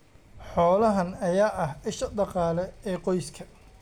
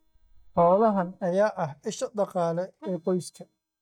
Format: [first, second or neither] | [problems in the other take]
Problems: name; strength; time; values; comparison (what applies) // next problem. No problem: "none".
first | noise reduction (neural mask model DeepFilterNet 3)